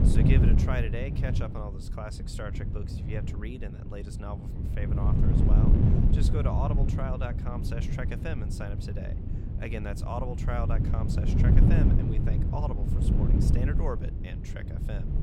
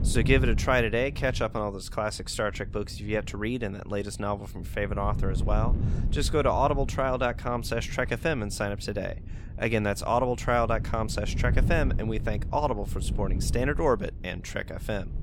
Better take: second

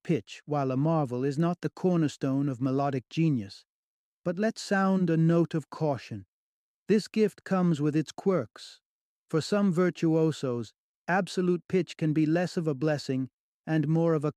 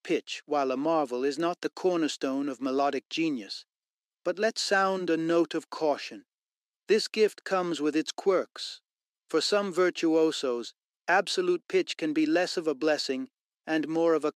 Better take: first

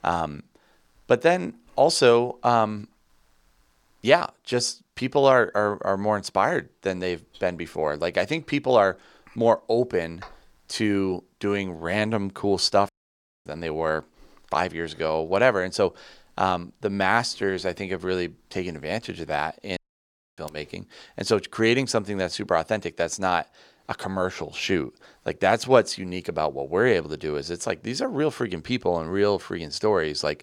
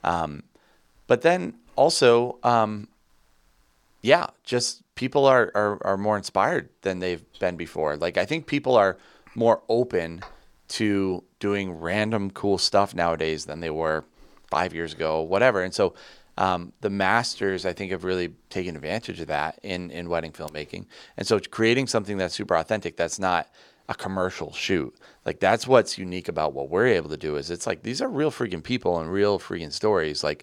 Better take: second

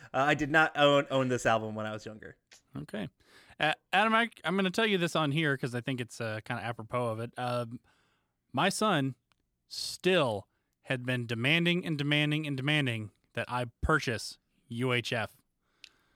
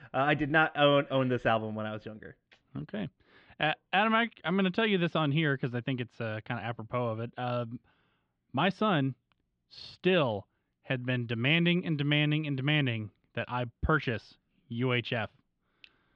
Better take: first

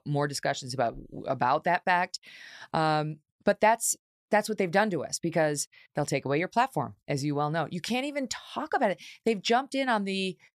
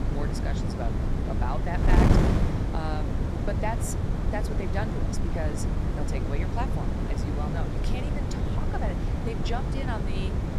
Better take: first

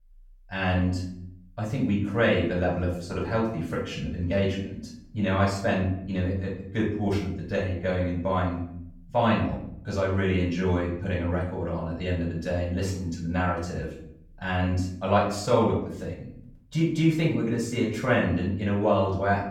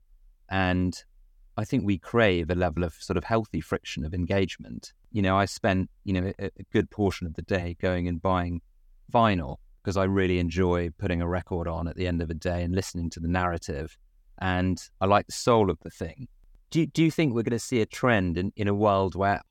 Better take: second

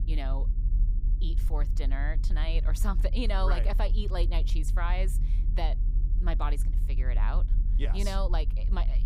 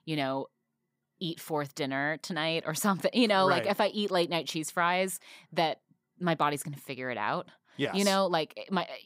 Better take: second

